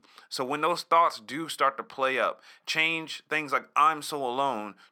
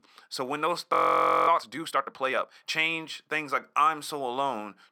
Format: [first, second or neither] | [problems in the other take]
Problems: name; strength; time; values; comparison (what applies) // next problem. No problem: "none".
first | audio freezing; at 1 s for 0.5 s